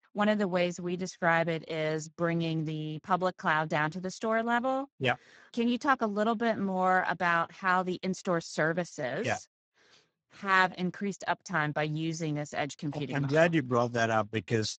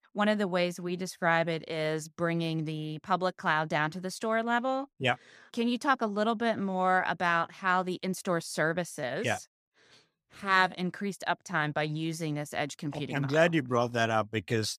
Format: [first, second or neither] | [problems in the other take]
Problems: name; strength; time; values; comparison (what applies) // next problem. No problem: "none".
second | garbled, watery; badly; nothing above 7.5 kHz